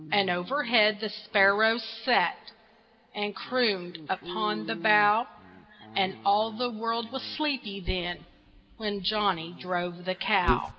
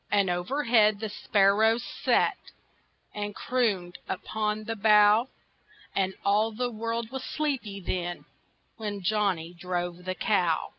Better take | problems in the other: second | background sound (Dog); 14 dB below the speech // room echo; dies away in 1.4 s

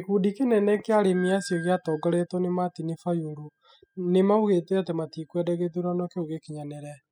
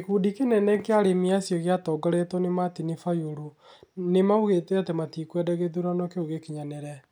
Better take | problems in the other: second | noise reduction (classical method spectral subtraction)

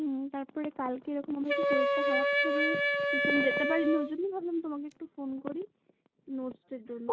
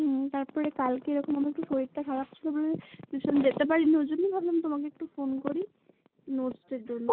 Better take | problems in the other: second | background sound (Wind instrument, woodwind instrument); 4 dB above the speech

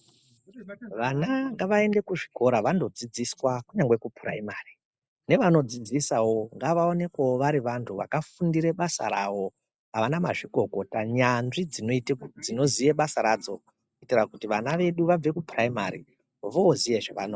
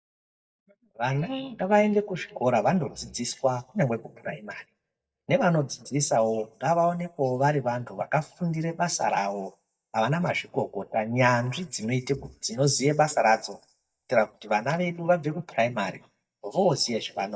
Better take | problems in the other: first | noise reduction (neural mask model DeepFilterNet 3)

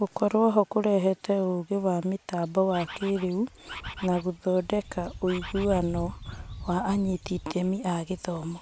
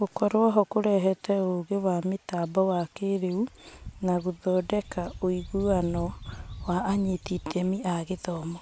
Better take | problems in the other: second | background sound (Bird); 14 dB below the speech

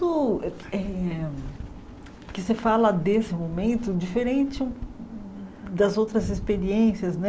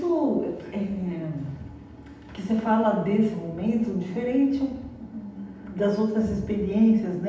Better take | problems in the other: first | room echo; dies away in 0.8 s

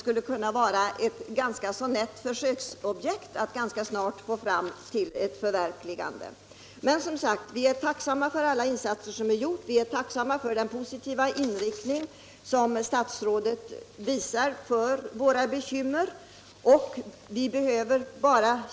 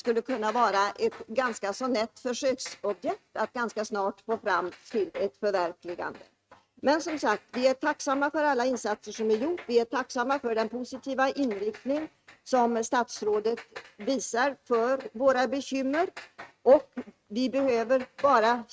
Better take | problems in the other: first | noise reduction (neural mask model RNNoise)

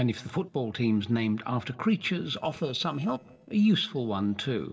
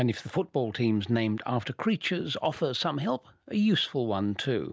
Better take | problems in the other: second | noise reduction (neural separator model SepFormer DNS4)

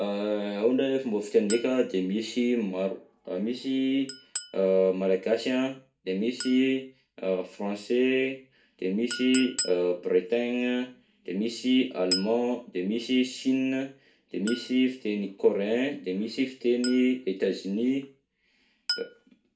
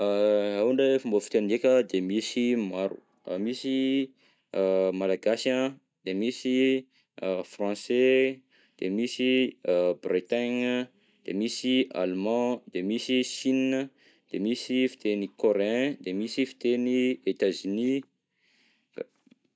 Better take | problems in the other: second | background sound (Chink, clink); 15 dB below the speech // room echo; dies away in 0.3 s

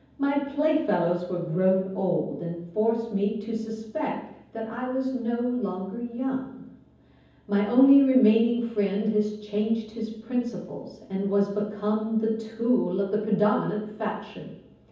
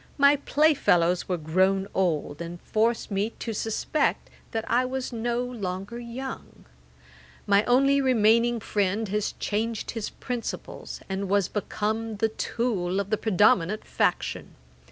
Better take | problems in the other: second | room echo; dies away in 0.9 s

